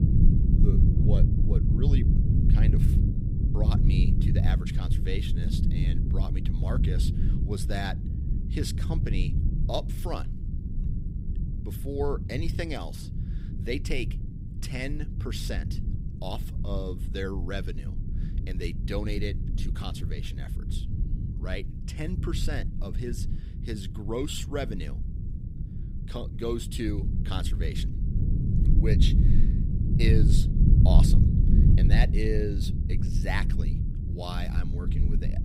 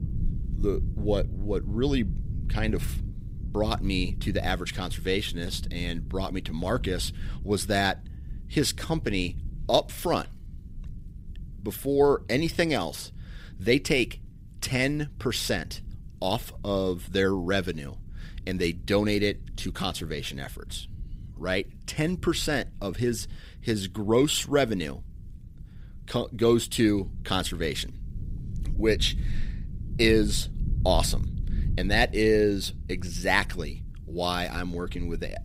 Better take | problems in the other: second | low rumble; loud; throughout; 4 dB below the speech; faint in the second

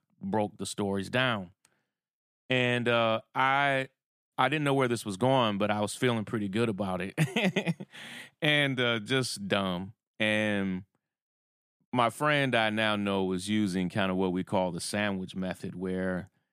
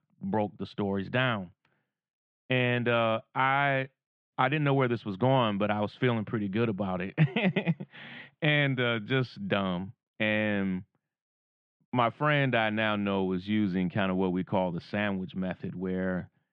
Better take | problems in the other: first | muffled; slightly; fading above 3 kHz

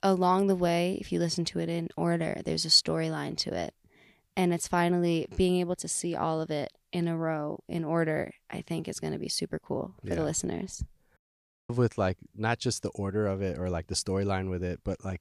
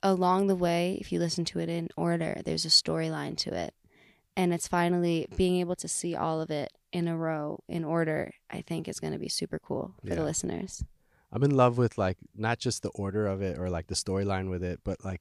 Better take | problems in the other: second | audio cutting out; at 11 s for 0.5 s

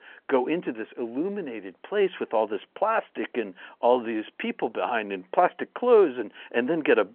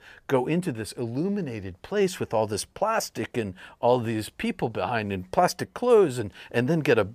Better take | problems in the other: second | phone-call audio

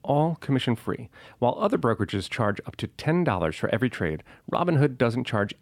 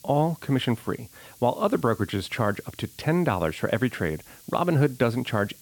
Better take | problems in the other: first | hiss; faint; throughout; 20 dB below the speech

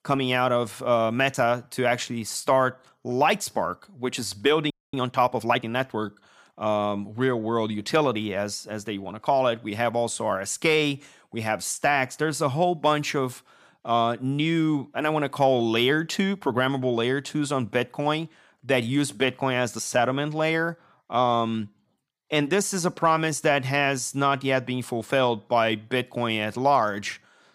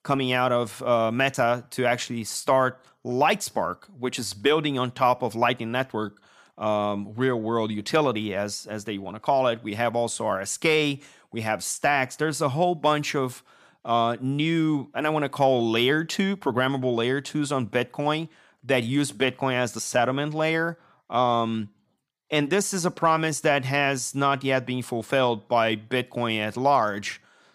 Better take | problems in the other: second | audio freezing; at 4.5 s

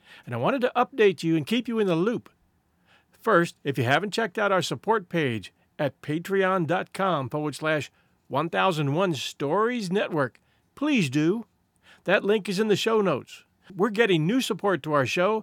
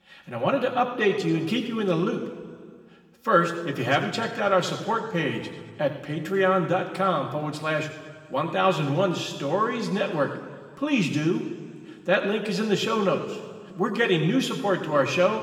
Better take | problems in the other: first | room echo; noticeable; dies away in 1.7 s // off-mic speech; somewhat distant

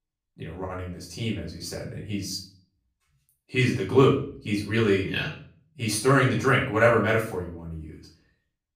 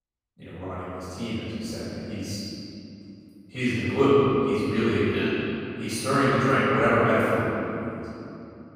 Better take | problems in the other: first | room echo; strong; dies away in 2.9 s; slight in the first // off-mic speech; far; far in the first

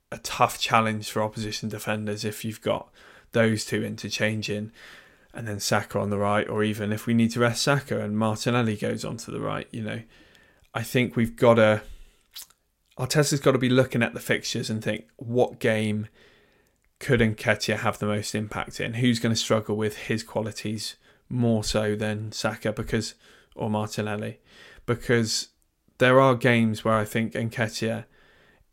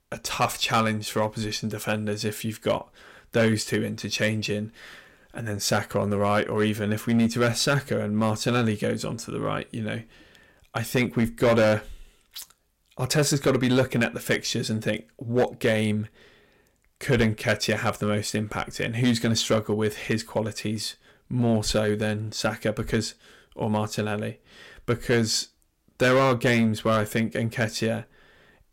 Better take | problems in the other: first | distortion; slight; 4% of the sound clipped

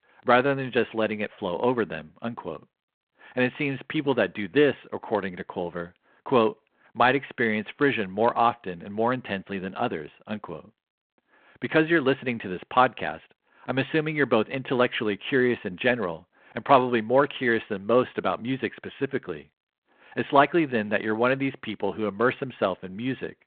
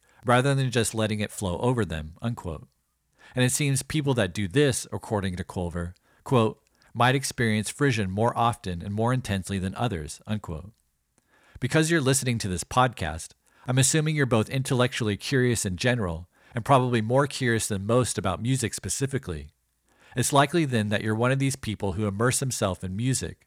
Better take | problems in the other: second | phone-call audio; nothing above 3.5 kHz

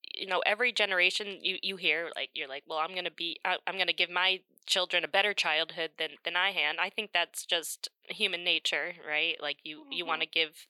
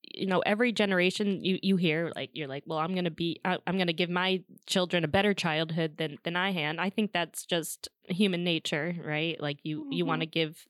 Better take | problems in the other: second | thin; very; fading below 650 Hz

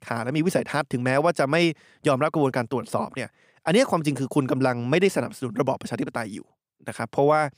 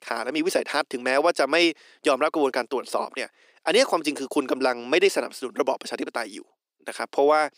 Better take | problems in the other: first | thin; somewhat; fading below 350 Hz

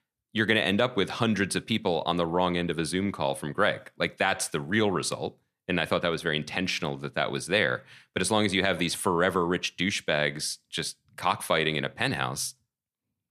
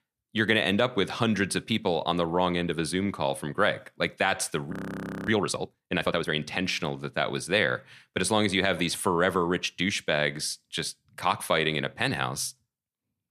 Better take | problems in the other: first | audio freezing; at 4.5 s for 0.5 s

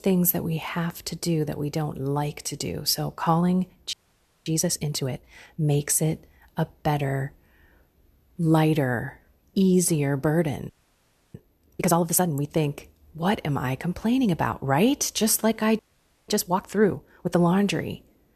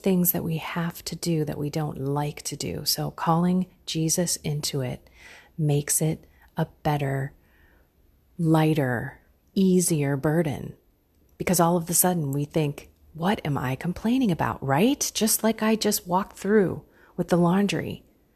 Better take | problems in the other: second | audio freezing; at 4 s for 0.5 s, at 11 s for 0.5 s and at 16 s

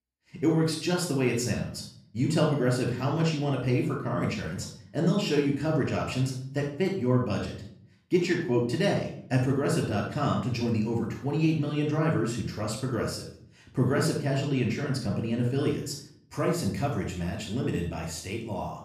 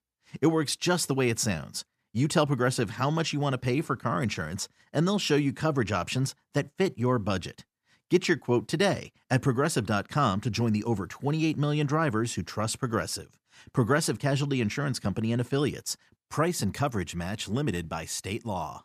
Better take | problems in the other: second | off-mic speech; somewhat distant // room echo; noticeable; dies away in 0.5 s

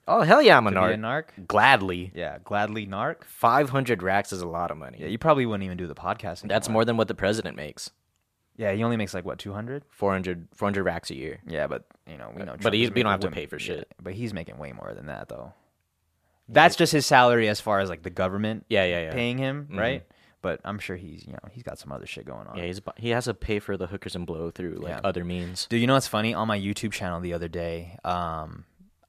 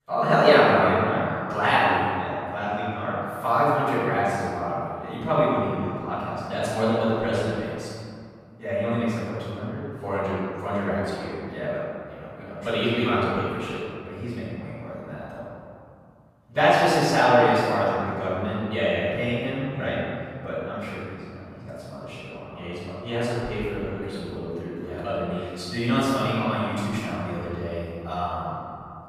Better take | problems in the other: first | room echo; strong; dies away in 2.4 s // off-mic speech; far

